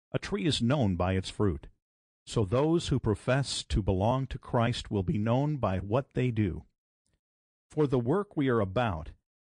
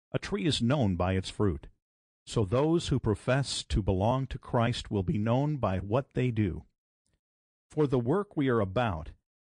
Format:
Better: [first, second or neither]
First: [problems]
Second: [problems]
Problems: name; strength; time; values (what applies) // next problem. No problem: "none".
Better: neither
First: garbled, watery; slightly; nothing above 9 kHz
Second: garbled, watery; slightly; nothing above 9 kHz